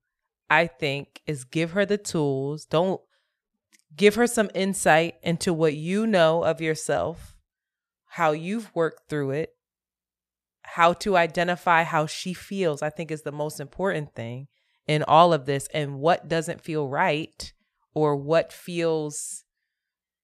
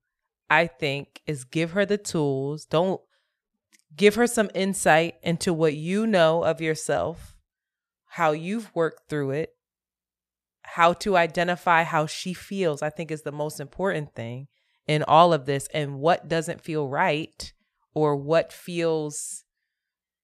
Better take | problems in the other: neither | none

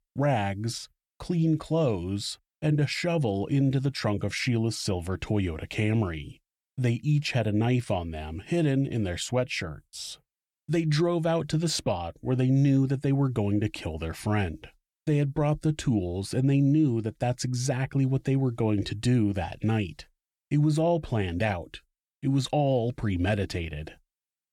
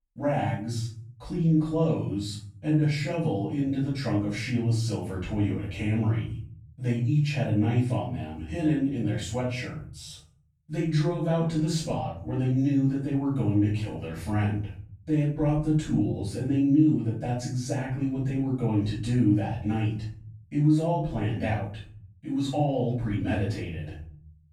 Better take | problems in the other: first | off-mic speech; far // room echo; noticeable; dies away in 0.6 s

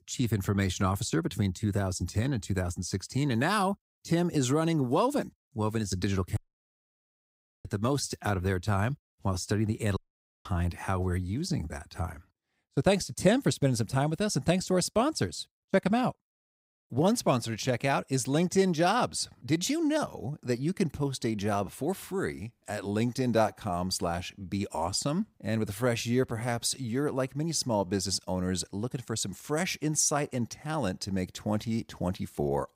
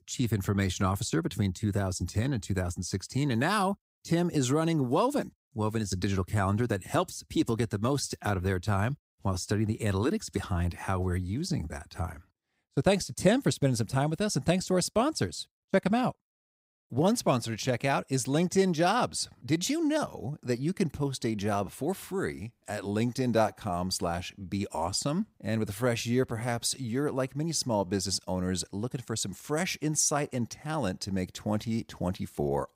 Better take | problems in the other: second | audio cutting out; at 6.5 s for 1.5 s and at 10 s

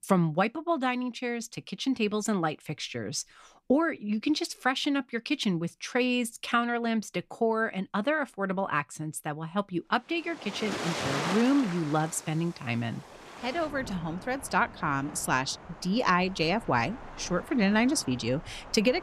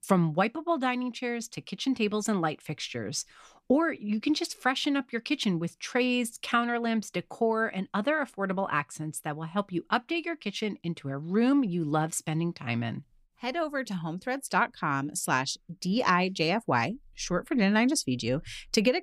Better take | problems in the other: second | rain or running water; noticeable; from 11 s on; 10 dB below the speech

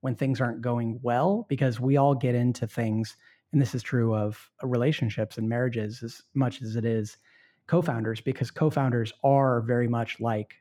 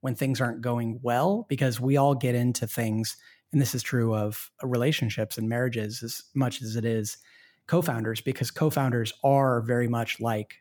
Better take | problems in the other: second | muffled; slightly; fading above 2 kHz

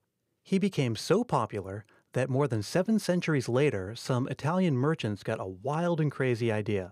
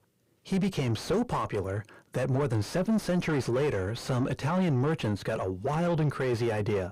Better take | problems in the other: first | distortion; heavy; 5 dB below the speech

